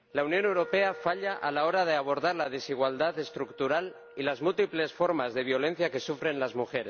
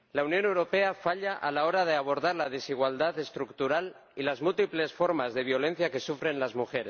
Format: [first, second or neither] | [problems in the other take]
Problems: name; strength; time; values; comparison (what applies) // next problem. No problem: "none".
second | background sound (Wind instrument, woodwind instrument); 20 dB below the speech